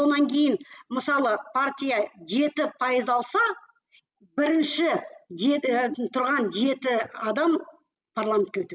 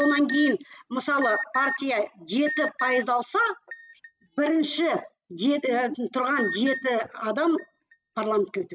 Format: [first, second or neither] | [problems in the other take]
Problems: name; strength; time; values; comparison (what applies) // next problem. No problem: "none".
first | noise reduction (neural mask model RNNoise)